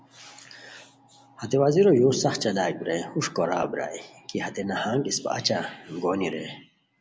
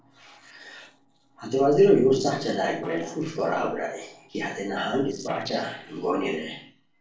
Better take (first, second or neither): first